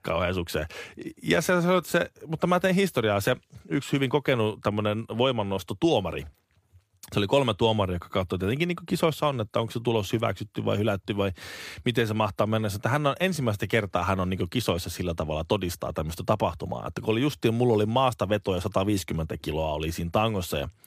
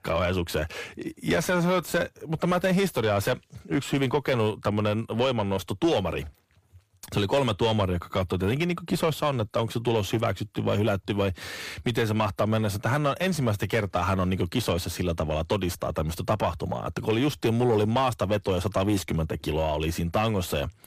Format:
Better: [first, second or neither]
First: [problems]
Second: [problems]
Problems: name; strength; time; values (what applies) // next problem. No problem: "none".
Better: first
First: none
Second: distortion; slight; 10 dB below the speech